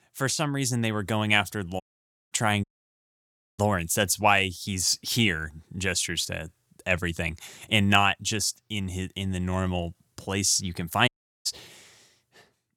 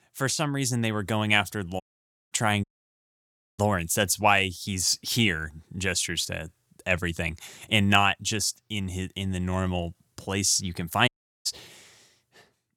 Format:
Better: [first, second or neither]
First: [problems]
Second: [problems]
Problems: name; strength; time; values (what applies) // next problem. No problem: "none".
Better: neither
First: audio cutting out; at 2 s for 0.5 s, at 2.5 s for 1 s and at 11 s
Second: audio cutting out; at 2 s for 0.5 s, at 2.5 s for 1 s and at 11 s